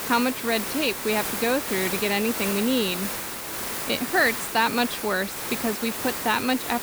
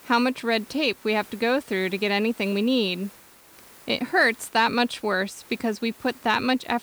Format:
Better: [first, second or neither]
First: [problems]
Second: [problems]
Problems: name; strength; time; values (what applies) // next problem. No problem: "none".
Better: second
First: hiss; loud; throughout; 4 dB below the speech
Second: hiss; faint; throughout; 25 dB below the speech